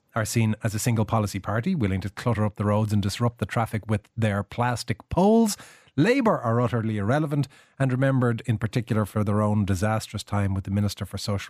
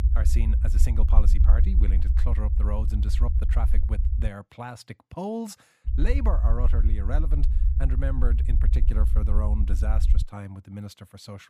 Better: first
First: none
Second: low rumble; loud; until 4.5 s and from 6 to 10 s; 6 dB below the speech

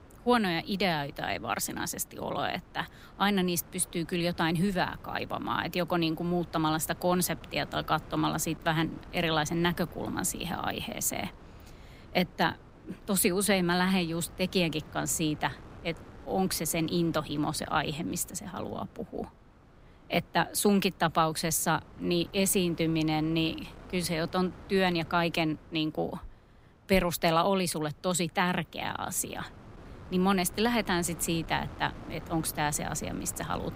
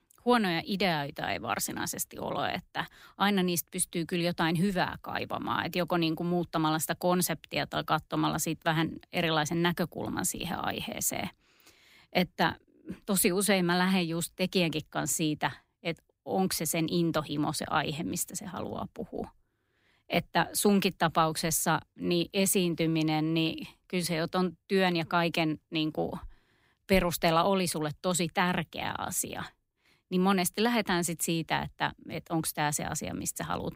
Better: second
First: wind noise on the microphone; occasional gusts; 25 dB below the speech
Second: none

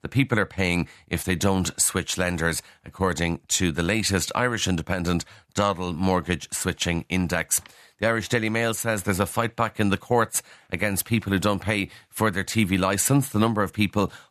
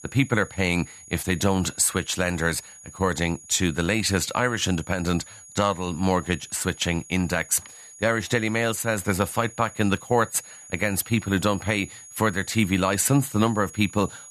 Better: first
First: none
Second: high-pitched whine; noticeable; throughout; 6.5 kHz, 20 dB below the speech

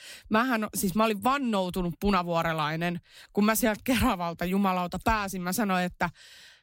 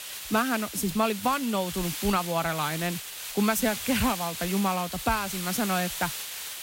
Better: first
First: none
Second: hiss; loud; throughout; 6 dB below the speech

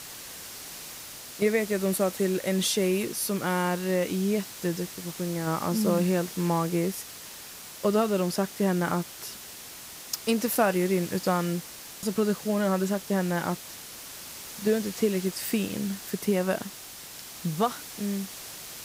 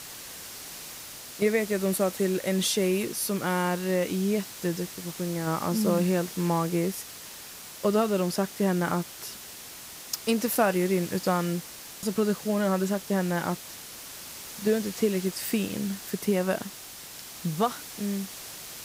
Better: neither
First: hiss; noticeable; throughout; 10 dB below the speech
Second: hiss; noticeable; throughout; 10 dB below the speech

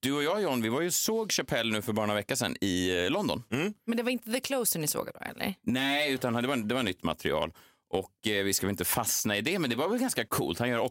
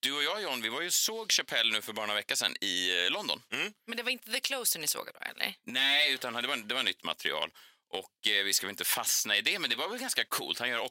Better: first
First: none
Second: thin; somewhat; fading below 950 Hz

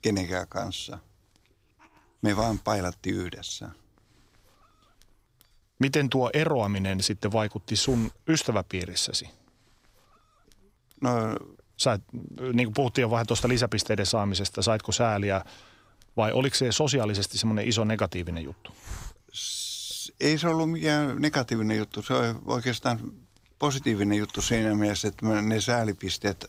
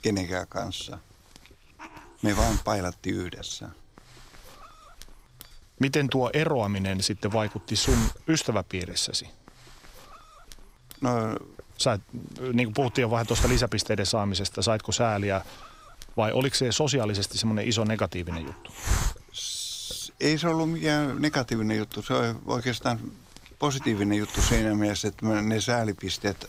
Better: first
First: hiss; faint; throughout; 20 dB below the speech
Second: hiss; loud; throughout; 8 dB below the speech

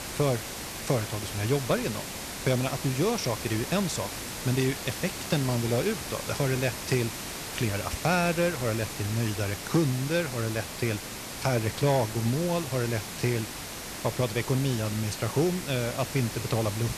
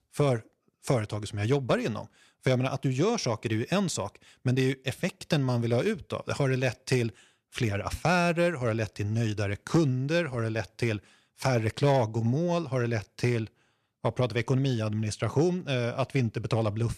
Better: second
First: hiss; loud; throughout; 6 dB below the speech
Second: none

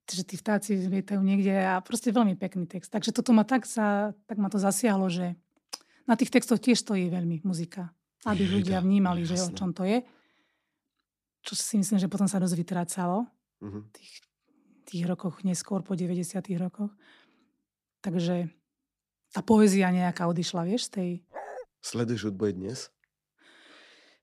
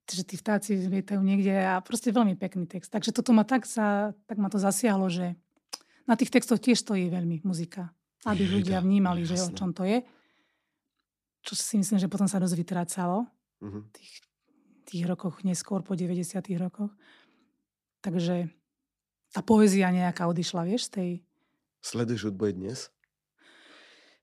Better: second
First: dog barking; faint; at 21 s; peak 15 dB below the speech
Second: none

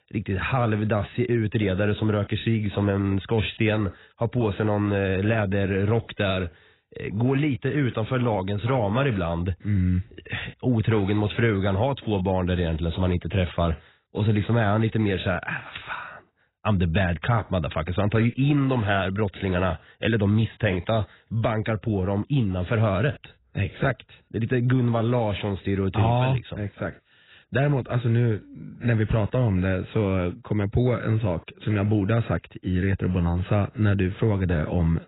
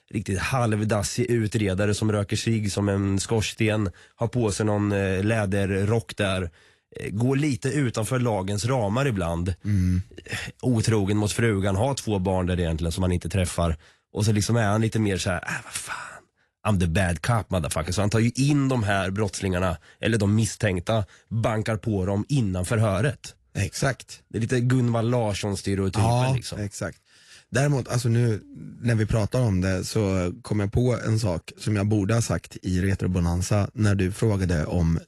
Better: second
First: garbled, watery; badly; nothing above 4 kHz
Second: garbled, watery; slightly; nothing above 11.5 kHz

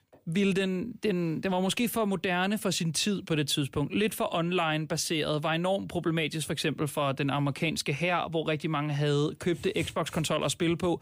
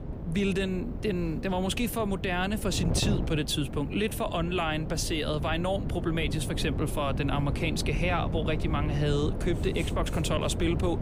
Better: first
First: none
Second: wind noise on the microphone; occasional gusts; 10 dB below the speech

